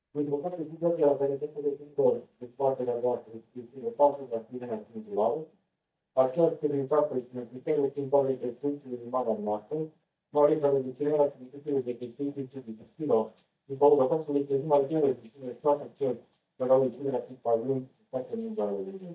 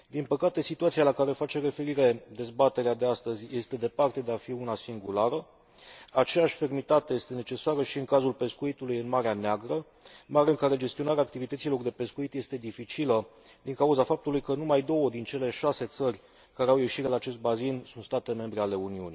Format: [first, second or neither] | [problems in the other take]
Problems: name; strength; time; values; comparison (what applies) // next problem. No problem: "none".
second | noise reduction (neural mask model DeepFilterNet 3)